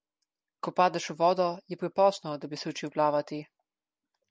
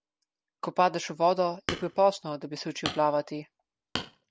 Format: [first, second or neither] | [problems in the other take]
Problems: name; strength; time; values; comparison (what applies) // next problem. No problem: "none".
first | background sound (Hammer); 11 dB below the speech